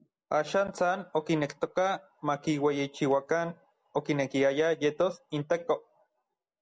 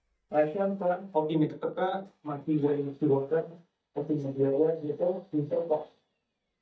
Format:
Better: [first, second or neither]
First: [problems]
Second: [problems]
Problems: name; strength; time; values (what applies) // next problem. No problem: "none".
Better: first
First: none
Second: noise reduction (neural mask model DeepFilterNet 3)